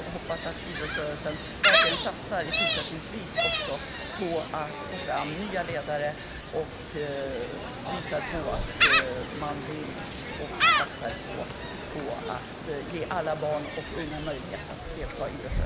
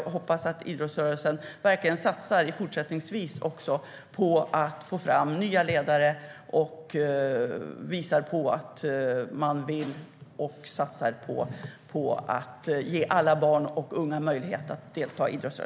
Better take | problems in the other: second | background sound (Gull, seagull); 4 dB above the speech

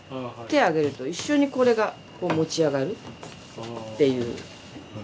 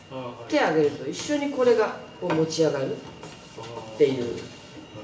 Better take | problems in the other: first | room echo; dies away in 0.7 s

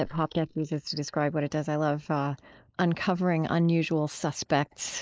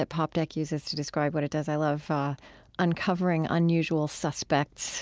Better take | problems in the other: second | noise reduction (neural mask model Resemble Enhance denoiser)

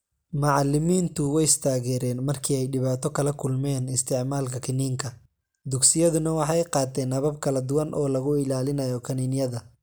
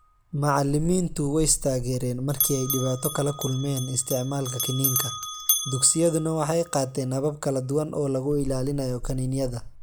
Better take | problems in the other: first | background sound (Bell); 7 dB below the speech

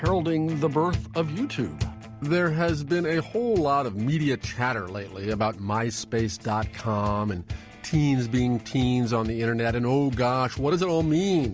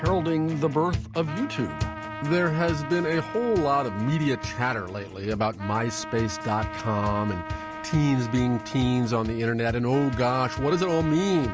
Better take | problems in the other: first | background sound (Trumpet); 12 dB below the speech

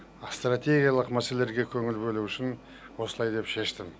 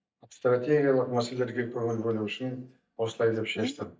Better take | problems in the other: first | noise reduction (neural mask model DeepFilterNet 3)

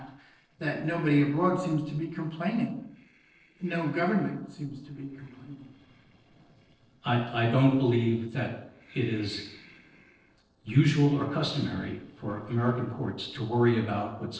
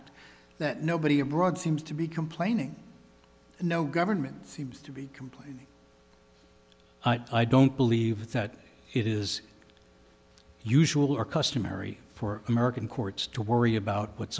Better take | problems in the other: second | noise reduction (neural separator model SepFormer DNS4)

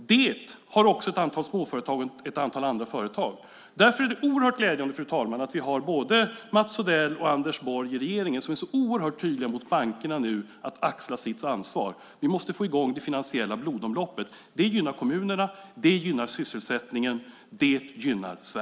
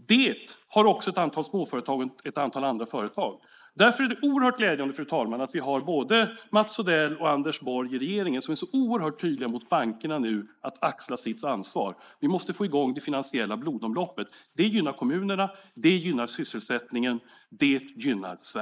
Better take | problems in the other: first | noise reduction (neural mask model Resemble Enhance denoiser)

